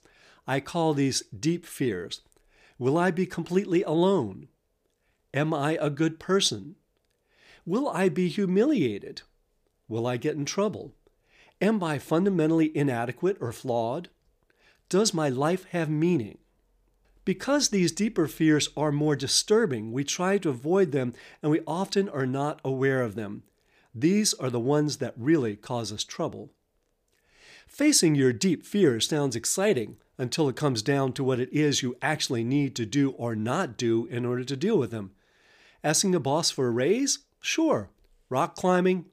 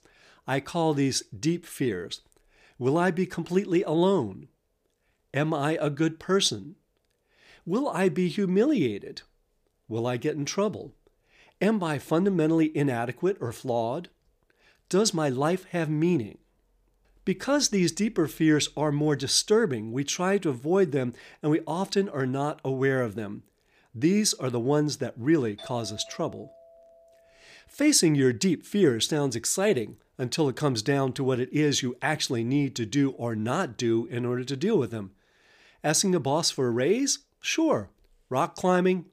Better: first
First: none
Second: doorbell; faint; from 26 to 27 s; peak 15 dB below the speech

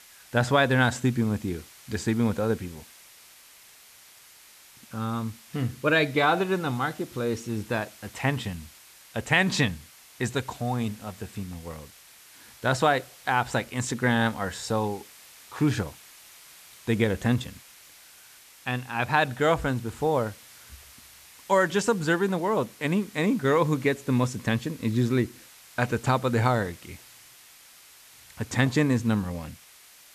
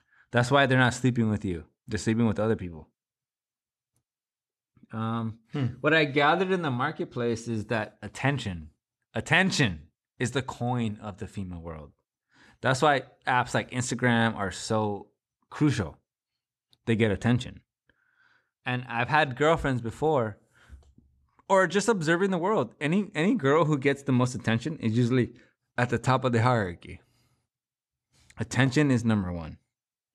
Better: second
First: hiss; faint; throughout; 20 dB below the speech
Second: none

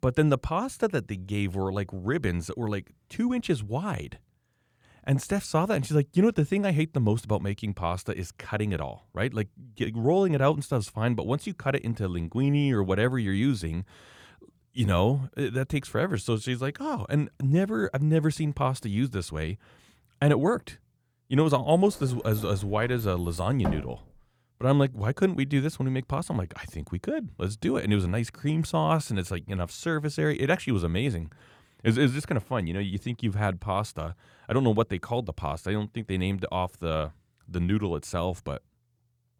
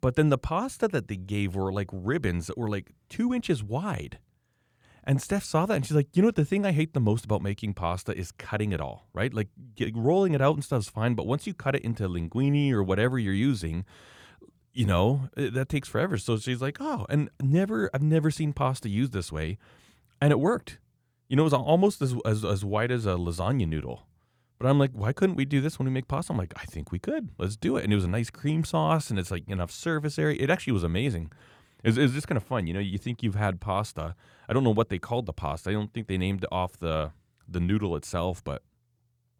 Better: second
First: door banging; noticeable; from 22 to 24 s; peak 5 dB below the speech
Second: none

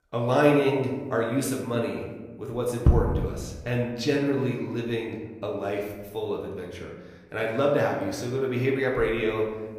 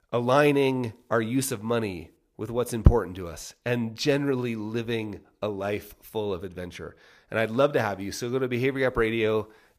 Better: second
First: room echo; noticeable; dies away in 1.1 s // off-mic speech; somewhat distant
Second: none

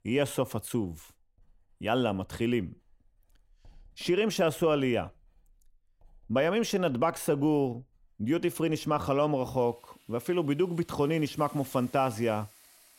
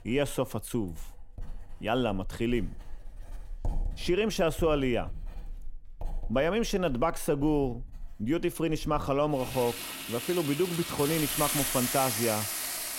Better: first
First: household noises; faint; throughout; 30 dB below the speech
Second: household noises; loud; throughout; 5 dB below the speech

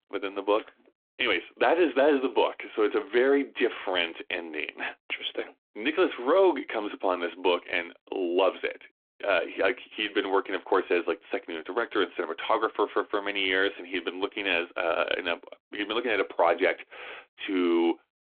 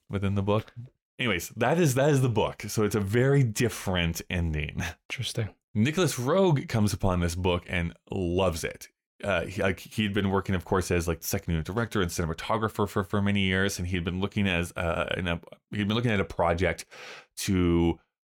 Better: second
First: phone-call audio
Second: none

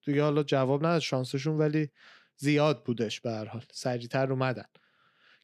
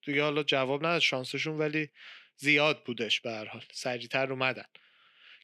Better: first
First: none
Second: thin; very slightly; fading below 350 Hz

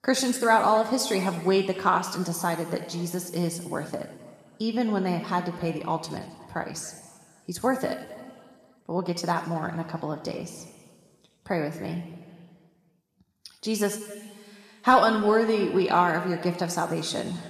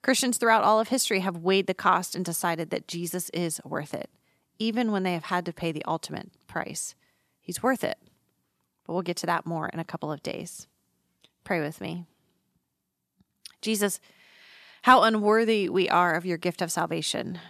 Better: second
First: room echo; noticeable; dies away in 1.7 s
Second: none

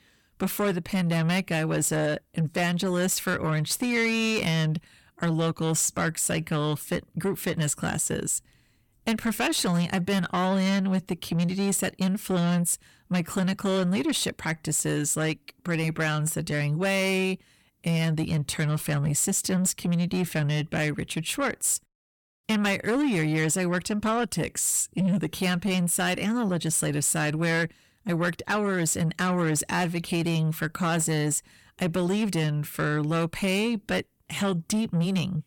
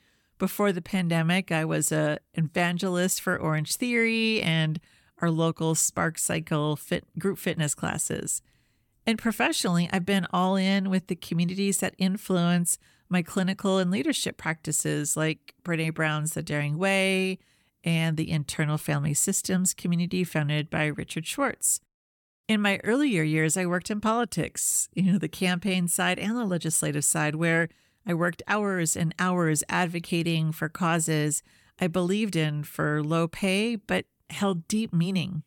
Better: second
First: distortion; slight; 10 dB below the speech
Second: none

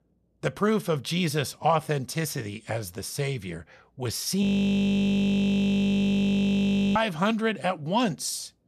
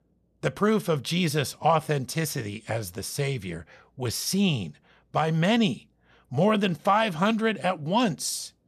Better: second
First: audio freezing; at 4.5 s for 2.5 s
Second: none

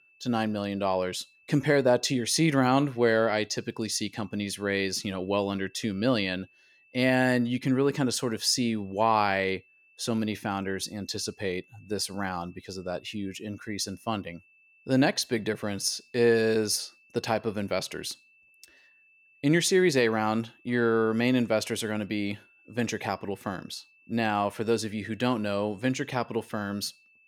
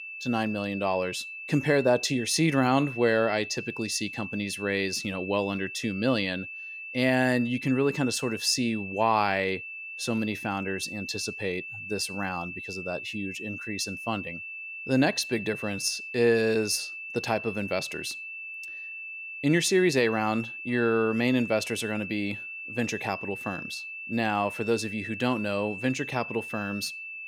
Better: first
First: high-pitched whine; faint; throughout; 2.5 kHz, 30 dB below the speech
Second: high-pitched whine; loud; throughout; 2.5 kHz, 8 dB below the speech

